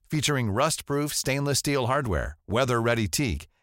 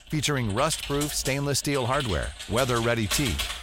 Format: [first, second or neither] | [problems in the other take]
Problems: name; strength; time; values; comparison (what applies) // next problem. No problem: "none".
first | keyboard typing; noticeable; peak 1 dB below the speech